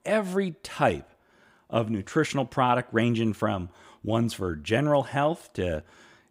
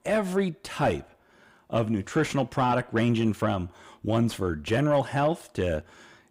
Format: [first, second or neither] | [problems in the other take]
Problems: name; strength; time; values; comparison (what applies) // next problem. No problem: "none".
first | distortion; slight; 10 dB below the speech